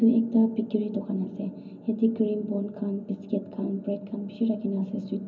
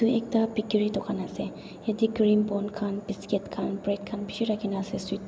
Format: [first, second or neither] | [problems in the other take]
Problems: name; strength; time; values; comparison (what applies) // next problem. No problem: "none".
second | room echo; dies away in 0.4 s